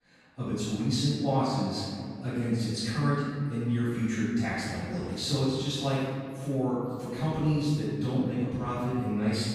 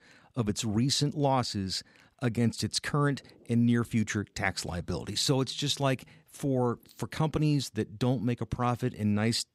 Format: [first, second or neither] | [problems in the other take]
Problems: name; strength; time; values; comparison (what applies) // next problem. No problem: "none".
second | off-mic speech; far // room echo; strong; dies away in 2.3 s